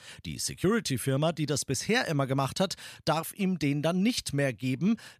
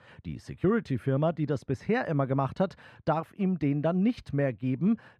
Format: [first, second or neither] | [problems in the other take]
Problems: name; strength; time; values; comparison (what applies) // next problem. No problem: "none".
first | muffled; very; fading above 3.5 kHz